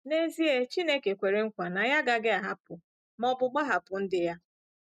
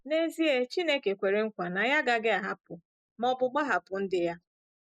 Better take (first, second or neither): first